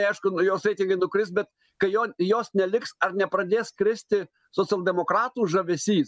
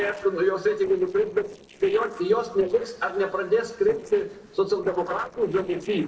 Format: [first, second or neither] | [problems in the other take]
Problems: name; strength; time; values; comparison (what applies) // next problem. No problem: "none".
first | noise reduction (neural separator model SepFormer DNS4)